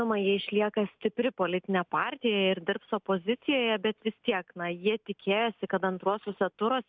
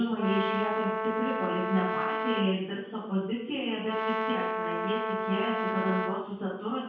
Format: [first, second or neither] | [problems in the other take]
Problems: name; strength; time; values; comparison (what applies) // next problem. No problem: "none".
first | background sound (Brass instrument); 1 dB below the speech // room echo; dies away in 0.6 s